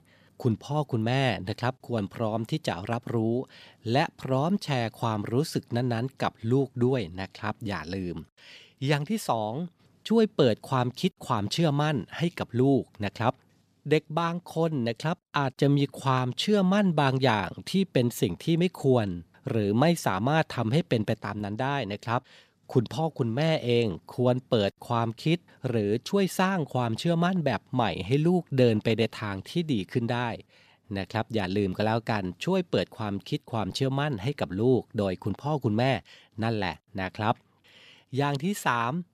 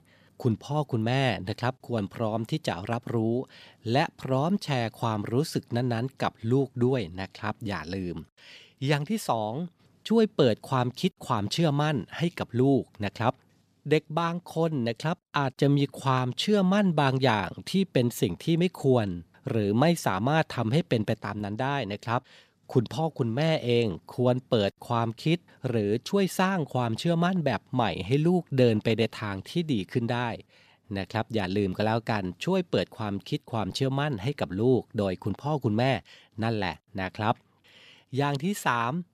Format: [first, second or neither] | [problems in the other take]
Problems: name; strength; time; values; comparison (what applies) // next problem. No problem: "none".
neither | none